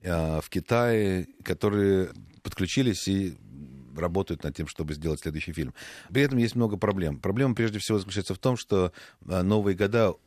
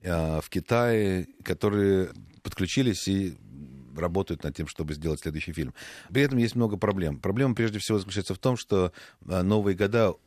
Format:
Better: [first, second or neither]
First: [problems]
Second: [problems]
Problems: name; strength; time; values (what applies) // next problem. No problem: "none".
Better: neither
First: none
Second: none